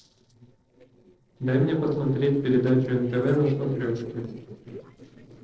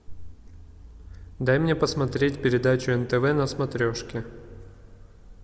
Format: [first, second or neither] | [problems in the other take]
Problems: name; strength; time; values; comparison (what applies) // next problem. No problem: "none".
second | noise reduction (neural separator model SepFormer DNS4)